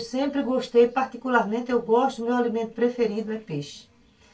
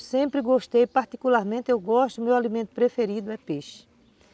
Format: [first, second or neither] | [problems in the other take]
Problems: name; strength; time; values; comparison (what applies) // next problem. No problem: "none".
second | room echo; dies away in 0.2 s